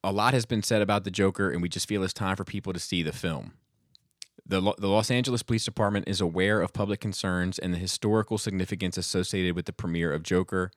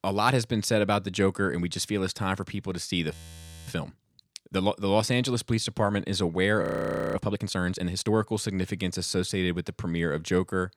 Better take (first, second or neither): first